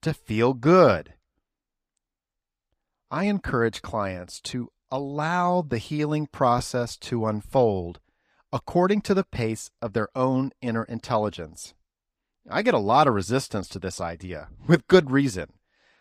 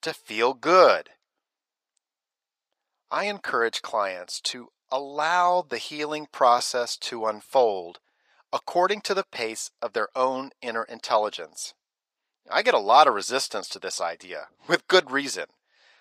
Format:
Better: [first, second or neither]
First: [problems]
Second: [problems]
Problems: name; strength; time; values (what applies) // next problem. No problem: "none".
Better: first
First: none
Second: thin; very; fading below 650 Hz